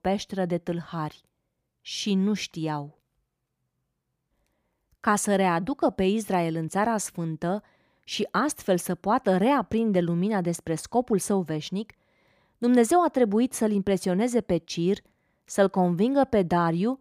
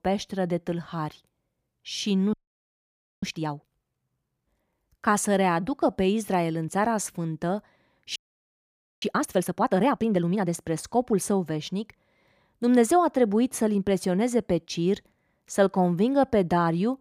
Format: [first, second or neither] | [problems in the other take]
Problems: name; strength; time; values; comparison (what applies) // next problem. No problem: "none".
first | audio freezing; at 2.5 s for 1 s and at 8 s for 1 s